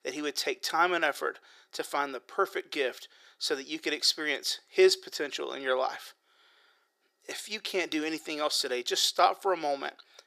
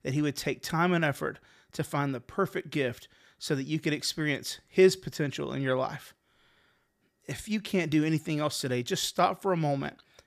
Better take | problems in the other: second | thin; very; fading below 400 Hz

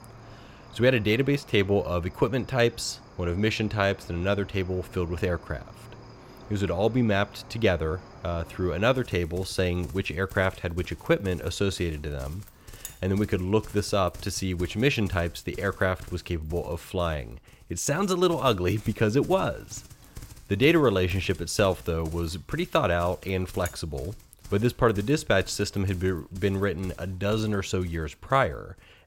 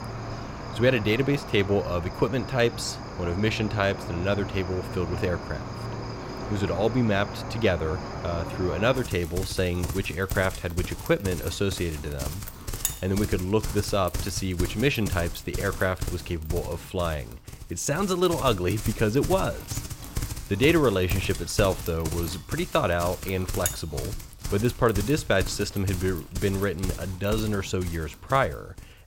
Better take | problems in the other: first | animal sounds; loud; throughout; 8 dB below the speech; faint in the first

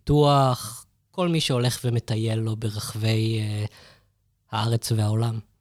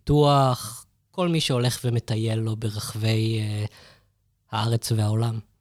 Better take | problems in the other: neither | none

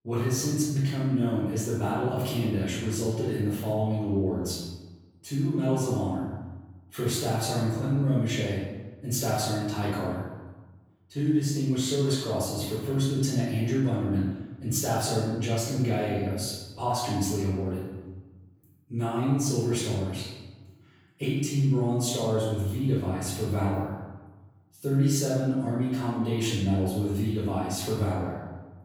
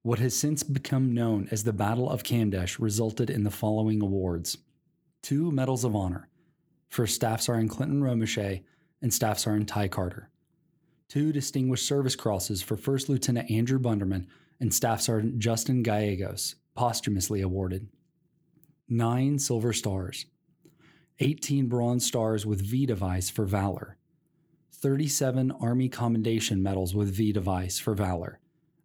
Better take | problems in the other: second | off-mic speech; far // room echo; noticeable; dies away in 1 s

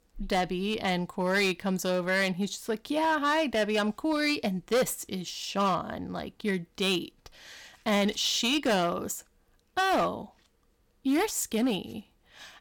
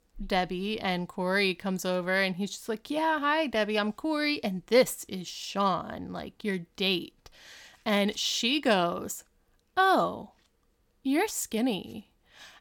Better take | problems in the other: second | distortion; slight; 6% of the sound clipped

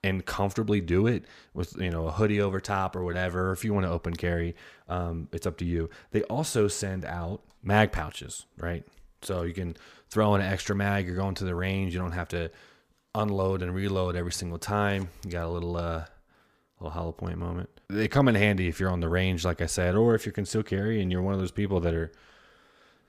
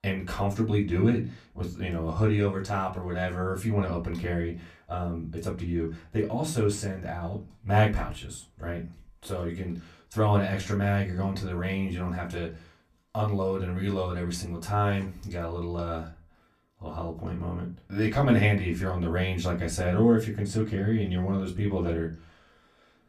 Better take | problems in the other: first | off-mic speech; far // room echo; very slight; dies away in 0.3 s

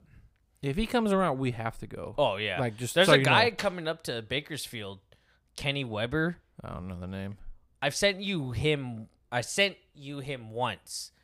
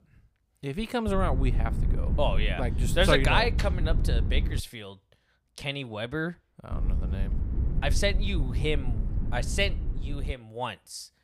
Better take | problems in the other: first | low rumble; noticeable; from 1 to 4.5 s and from 6.5 to 10 s; 15 dB below the speech

